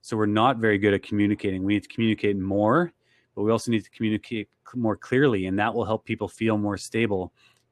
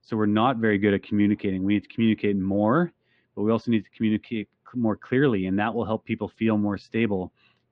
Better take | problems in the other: first | muffled; slightly; fading above 4 kHz

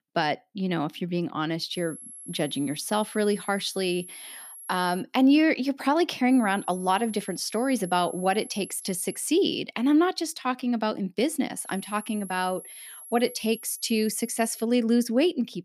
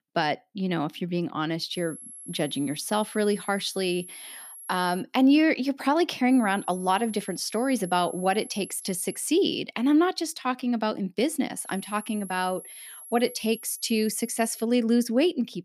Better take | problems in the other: neither | high-pitched whine; noticeable; from 1.5 to 5 s, from 6.5 to 9.5 s and from 12 to 15 s; 11.5 kHz, 15 dB below the speech; the same in both

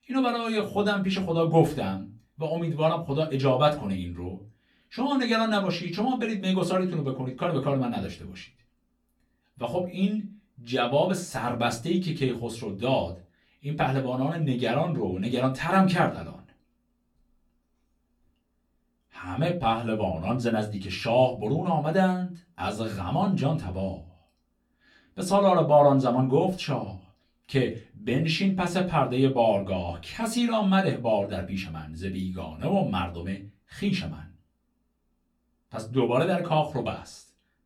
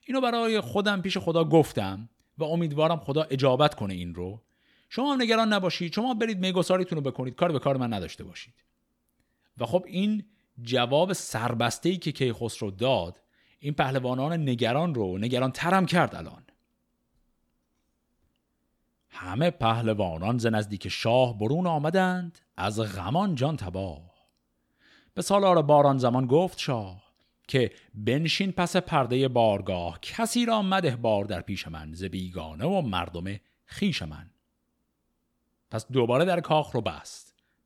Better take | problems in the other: second | off-mic speech; far // room echo; very slight; dies away in 0.2 s

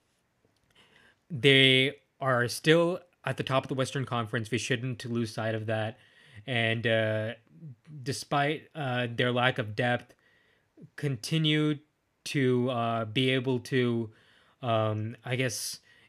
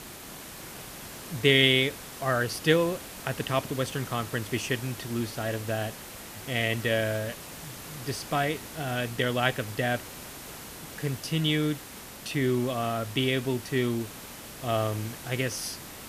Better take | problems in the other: first | hiss; noticeable; throughout; 10 dB below the speech

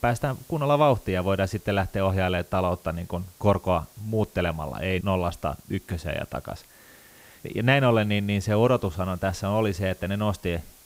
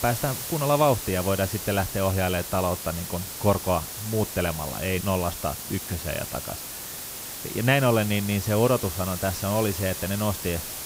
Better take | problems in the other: first | hiss; loud; throughout; 6 dB below the speech; faint in the first

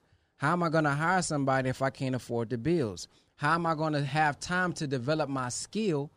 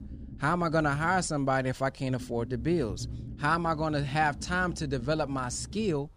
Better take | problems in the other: first | low rumble; faint; throughout; 25 dB below the speech

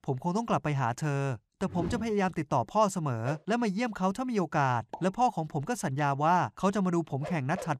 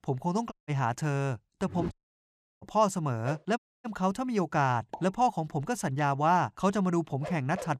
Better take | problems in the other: first | audio cutting out; at 0.5 s, at 2 s for 0.5 s and at 3.5 s

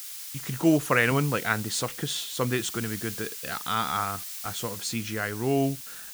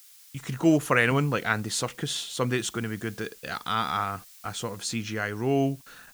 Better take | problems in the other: second | hiss; loud; throughout; 8 dB below the speech; faint in the second

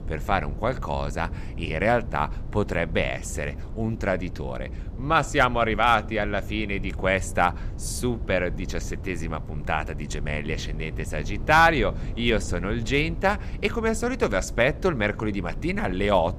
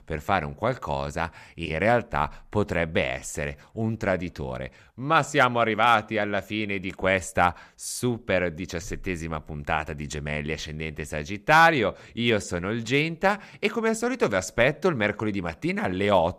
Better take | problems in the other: second | low rumble; faint; throughout; 20 dB below the speech

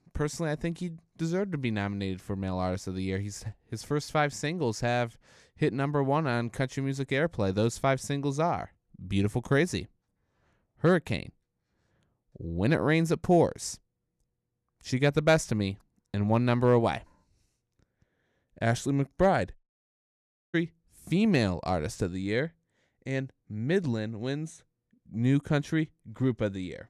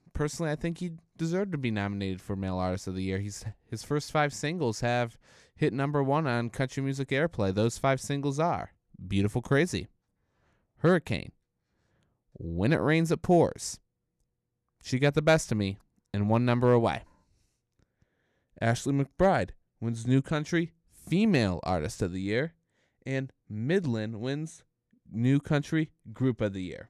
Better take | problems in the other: second | audio cutting out; at 20 s for 1 s

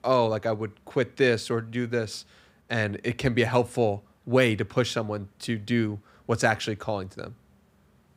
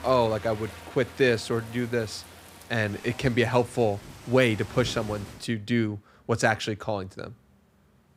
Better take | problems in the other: first | rain or running water; noticeable; until 5.5 s; 15 dB below the speech

